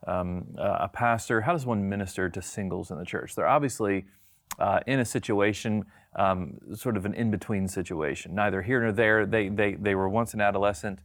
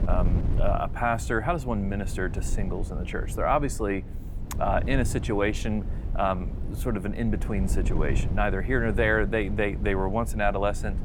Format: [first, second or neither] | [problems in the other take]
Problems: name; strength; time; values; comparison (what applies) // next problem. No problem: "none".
first | wind noise on the microphone; occasional gusts; 15 dB below the speech